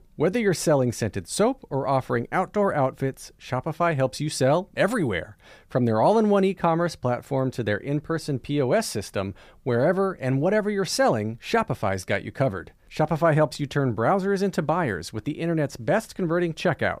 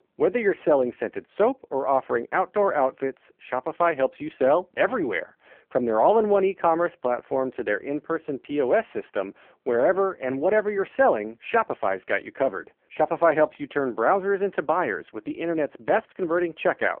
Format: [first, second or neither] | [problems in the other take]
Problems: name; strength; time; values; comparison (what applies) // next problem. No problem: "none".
first | phone-call audio; poor line